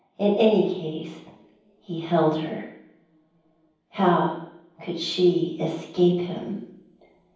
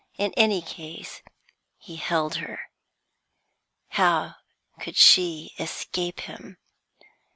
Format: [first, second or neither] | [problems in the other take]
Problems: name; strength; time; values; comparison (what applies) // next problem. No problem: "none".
second | room echo; dies away in 0.9 s